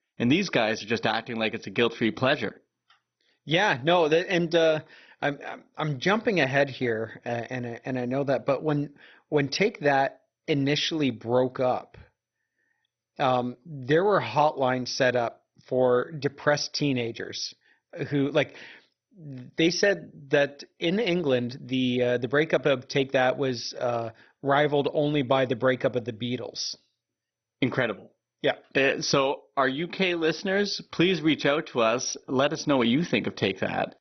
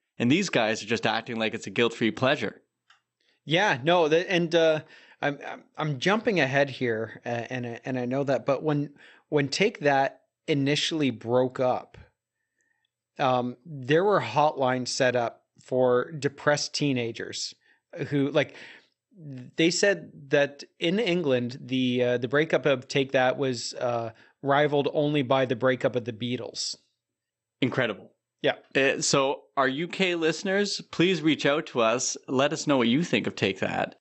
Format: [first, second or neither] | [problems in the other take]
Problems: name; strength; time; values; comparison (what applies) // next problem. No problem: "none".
second | garbled, watery; badly; nothing above 6 kHz; slightly in the second